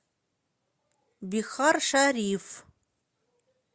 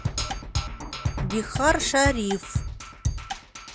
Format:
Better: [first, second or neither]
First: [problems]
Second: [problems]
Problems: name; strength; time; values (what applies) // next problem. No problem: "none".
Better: first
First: none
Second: background sound (Percussion); 2 dB below the speech